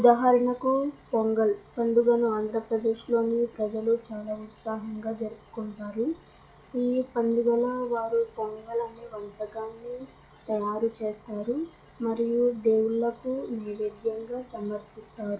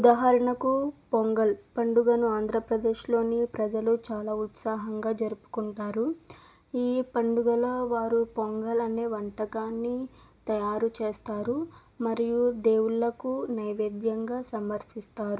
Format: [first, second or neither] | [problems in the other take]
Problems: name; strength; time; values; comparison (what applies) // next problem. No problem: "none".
second | noise reduction (classical method log-MMSE)